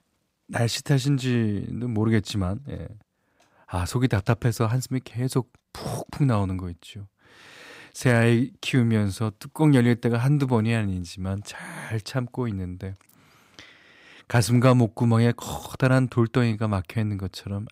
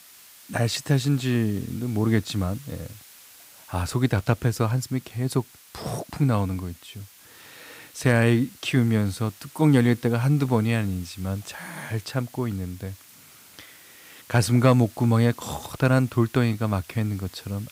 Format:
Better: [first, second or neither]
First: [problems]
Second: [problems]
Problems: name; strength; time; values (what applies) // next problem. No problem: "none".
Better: first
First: none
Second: hiss; faint; throughout; 25 dB below the speech